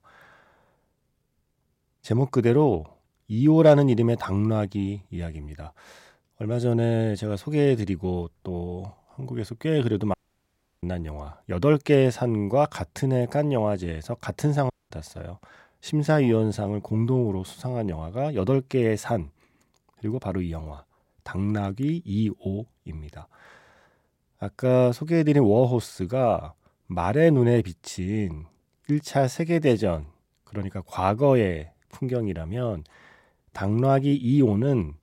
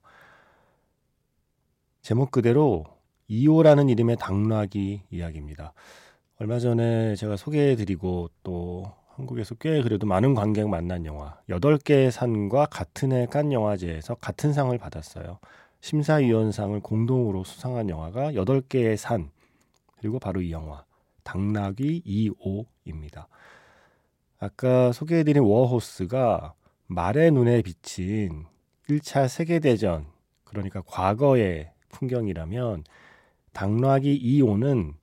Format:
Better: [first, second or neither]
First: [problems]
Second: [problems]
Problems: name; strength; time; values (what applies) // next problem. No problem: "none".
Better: second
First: audio cutting out; at 10 s for 0.5 s and at 15 s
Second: none